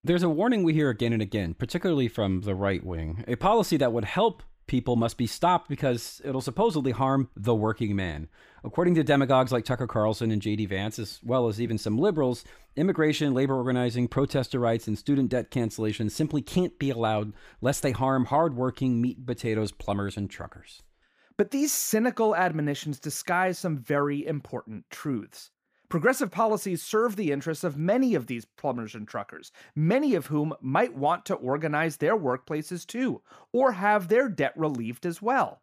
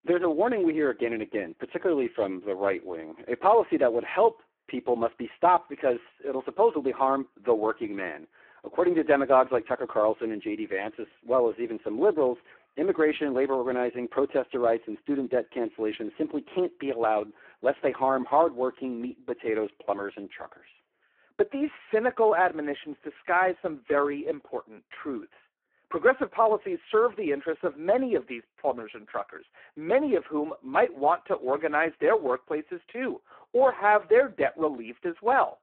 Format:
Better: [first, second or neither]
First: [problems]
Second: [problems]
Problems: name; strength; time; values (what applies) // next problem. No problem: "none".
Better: first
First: none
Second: phone-call audio; poor line